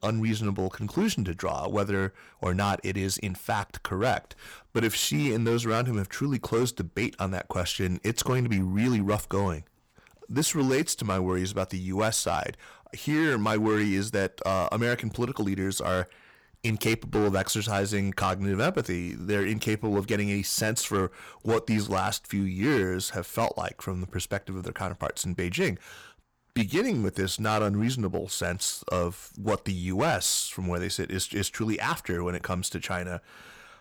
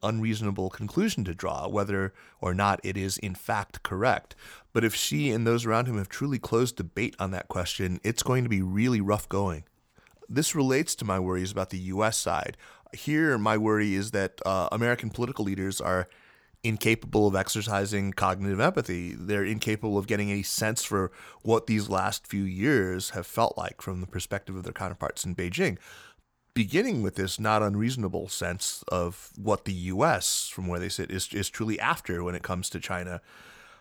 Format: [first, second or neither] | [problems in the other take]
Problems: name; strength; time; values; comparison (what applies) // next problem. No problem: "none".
second | distortion; slight; 5% of the sound clipped